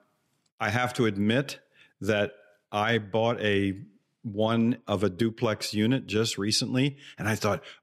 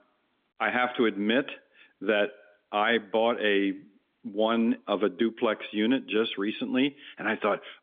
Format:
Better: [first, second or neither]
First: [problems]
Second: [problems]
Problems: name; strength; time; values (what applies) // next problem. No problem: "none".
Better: first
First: none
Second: phone-call audio; nothing above 3.5 kHz